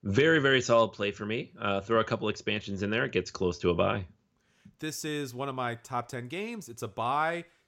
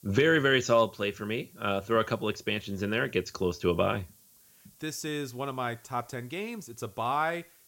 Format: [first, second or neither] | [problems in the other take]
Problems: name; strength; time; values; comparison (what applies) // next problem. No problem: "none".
first | hiss; faint; throughout; 25 dB below the speech